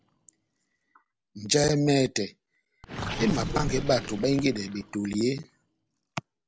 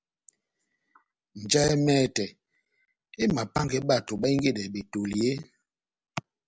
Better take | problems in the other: second | background sound (Gurgling); 11 dB below the speech

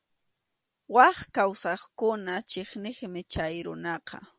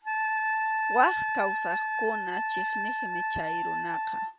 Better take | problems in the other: first | background sound (Wind instrument, woodwind instrument); 4 dB above the speech

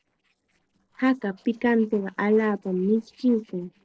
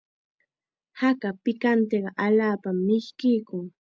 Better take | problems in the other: second | noise reduction (neural separator model SepFormer DNS4)

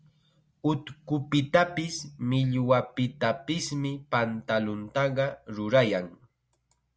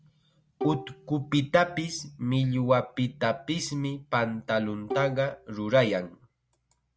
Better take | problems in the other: first | background sound (Bowed string instrument); 11 dB below the speech

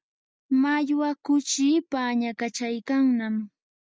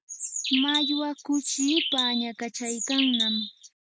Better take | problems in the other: first | background sound (Bird); 1 dB below the speech

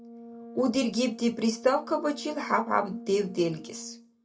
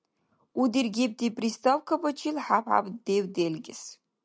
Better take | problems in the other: second | background sound (Brass instrument); 16 dB below the speech // room echo; dies away in 0.2 s

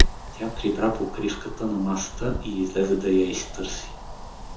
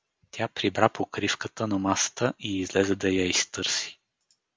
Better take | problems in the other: second | background sound (Wind); 1 dB below the speech // room echo; dies away in 0.6 s

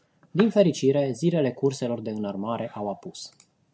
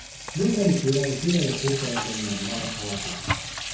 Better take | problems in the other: first | background sound (Sink (filling or washing) / Water tap, faucet); 5 dB below the speech // room echo; dies away in 0.6 s

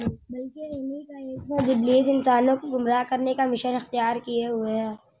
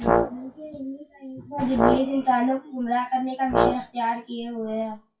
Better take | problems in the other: first | noise reduction (classical method WPE with log-MMSE)

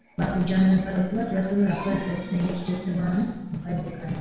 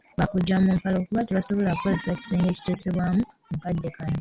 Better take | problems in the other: second | room echo; dies away in 0.9 s

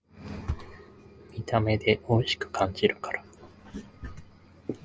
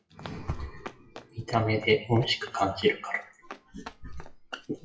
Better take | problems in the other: first | noise reduction (classical method WPE with log-MMSE)

